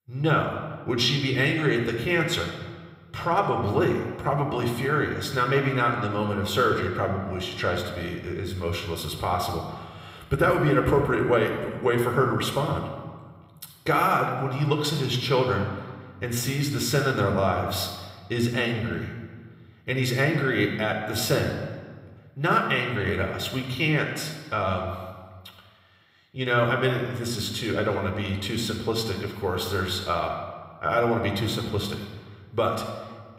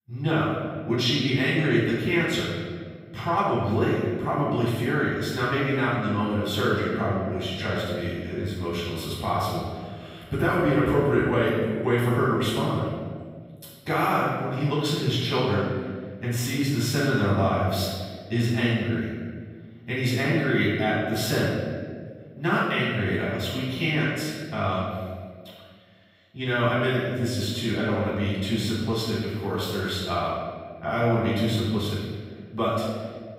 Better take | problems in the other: first | room echo; strong; dies away in 1.6 s; slight in the first // off-mic speech; far

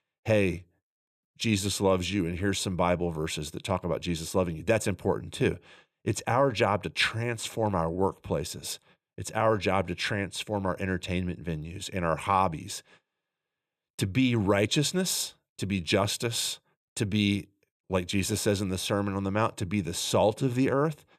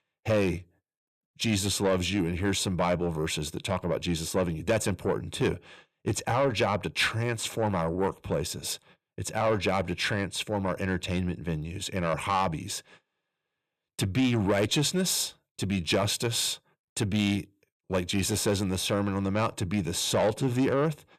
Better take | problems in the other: first | distortion; slight; 10 dB below the speech

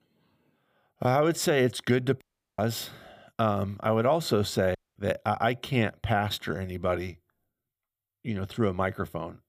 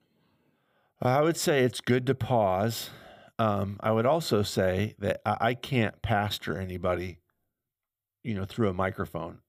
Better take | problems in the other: second | audio cutting out; at 2 s and at 5 s

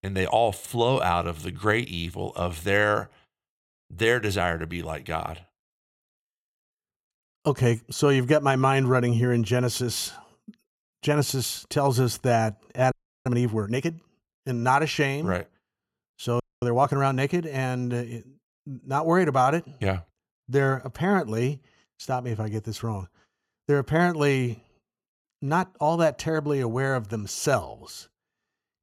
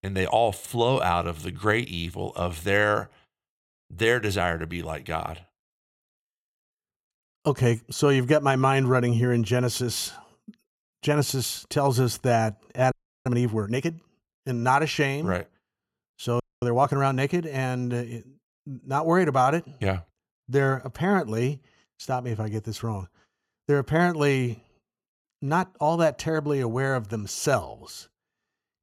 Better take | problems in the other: neither | audio freezing; at 13 s and at 16 s; the same in both

